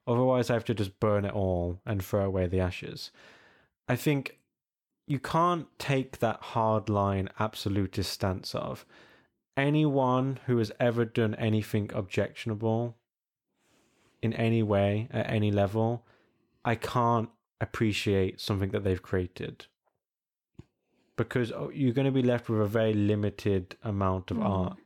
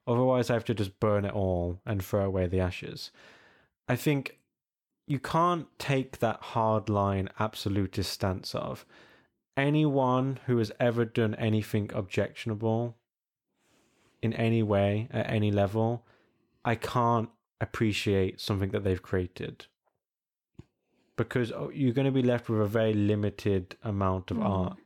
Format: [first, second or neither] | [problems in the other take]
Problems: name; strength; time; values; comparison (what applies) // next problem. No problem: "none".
neither | none